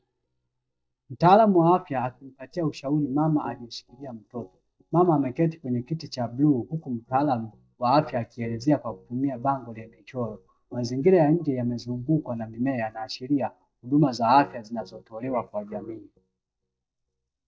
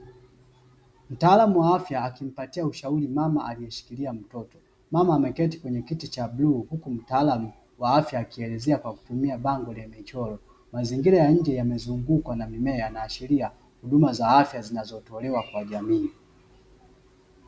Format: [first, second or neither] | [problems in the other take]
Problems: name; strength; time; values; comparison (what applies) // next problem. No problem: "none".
second | noise reduction (neural mask model DeepFilterNet 3)